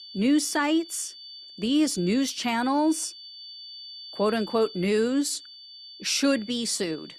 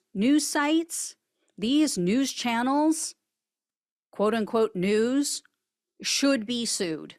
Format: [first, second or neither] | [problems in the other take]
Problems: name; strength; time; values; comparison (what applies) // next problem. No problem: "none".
second | high-pitched whine; noticeable; throughout; 4.5 kHz, 15 dB below the speech